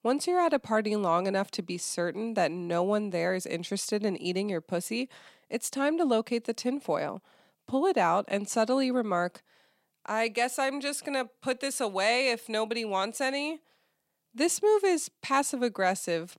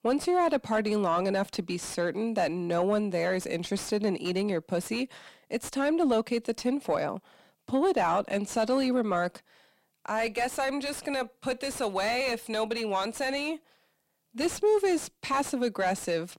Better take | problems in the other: first | distortion; slight; 10 dB below the speech

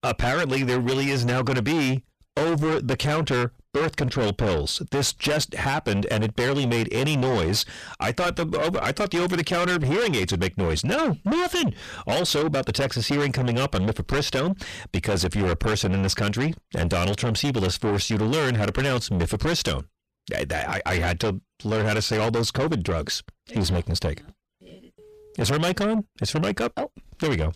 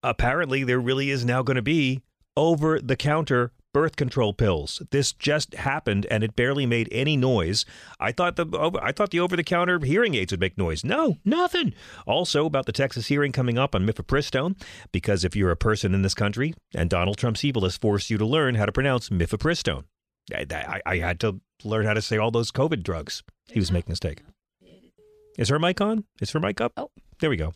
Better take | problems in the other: second | distortion; heavy; 6 dB below the speech

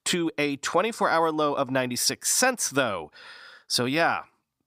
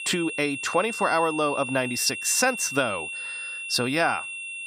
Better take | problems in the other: first | high-pitched whine; loud; throughout; 2.5 kHz, 7 dB below the speech

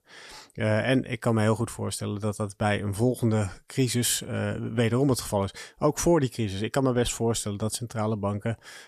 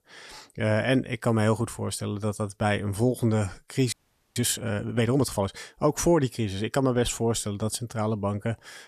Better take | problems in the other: first | audio freezing; at 4 s

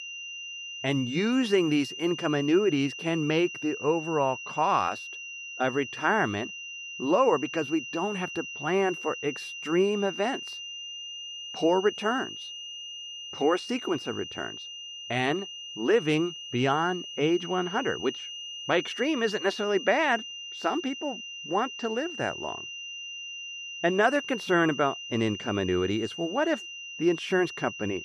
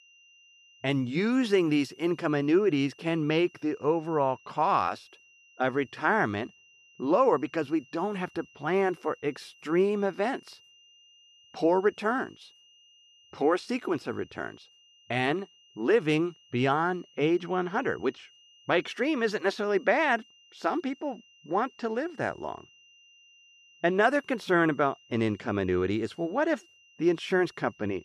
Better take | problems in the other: second | high-pitched whine; loud; throughout; 3 kHz, 9 dB below the speech; faint in the second

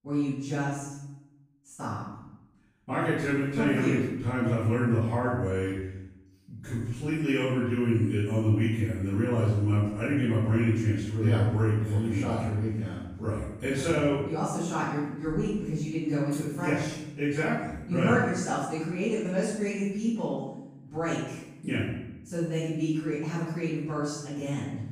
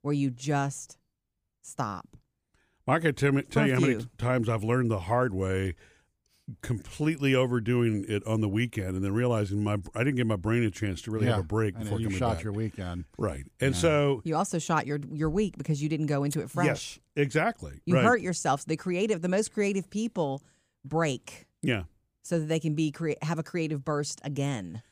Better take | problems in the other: second | off-mic speech; far // room echo; strong; dies away in 0.8 s

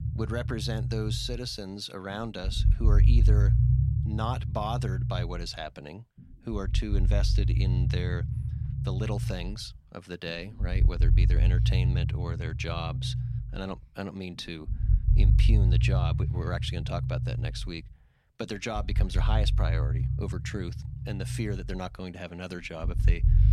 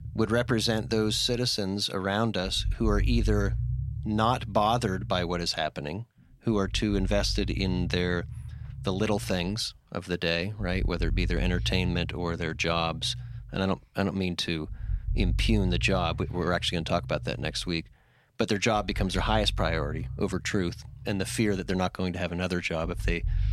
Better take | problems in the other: second | low rumble; loud; throughout; 6 dB below the speech; faint in the second

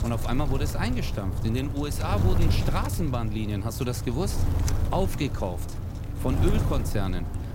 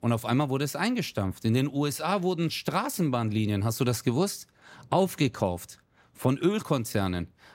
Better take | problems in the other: second | wind noise on the microphone; heavy; 6 dB below the speech

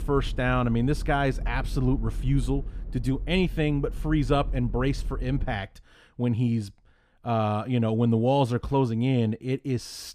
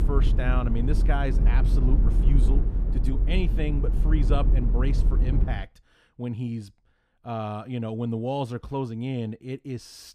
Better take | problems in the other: first | low rumble; loud; until 5.5 s; 6 dB below the speech; faint in the first

